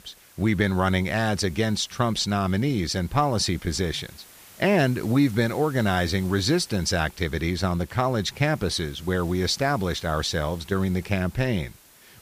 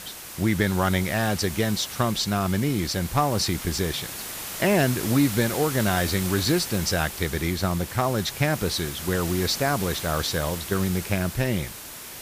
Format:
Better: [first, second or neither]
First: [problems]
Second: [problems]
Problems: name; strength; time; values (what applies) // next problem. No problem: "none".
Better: first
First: hiss; faint; throughout; 25 dB below the speech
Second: hiss; loud; throughout; 8 dB below the speech